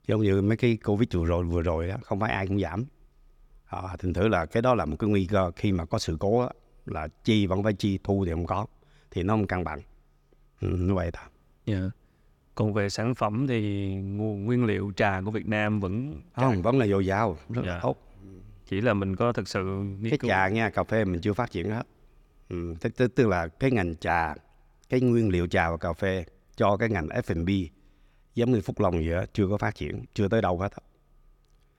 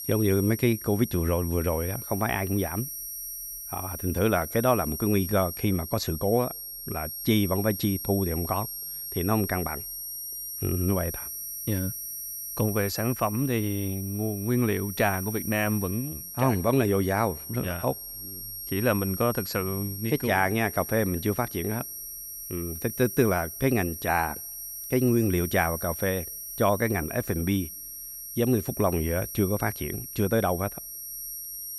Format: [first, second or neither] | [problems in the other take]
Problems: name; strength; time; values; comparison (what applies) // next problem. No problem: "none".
first | high-pitched whine; loud; throughout; 11.5 kHz, 7 dB below the speech